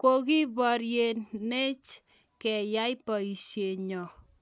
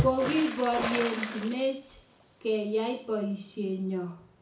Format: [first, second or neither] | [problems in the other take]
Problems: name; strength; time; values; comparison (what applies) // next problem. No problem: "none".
first | background sound (Water / Splash, splatter); 7 dB below the speech // room echo; dies away in 0.5 s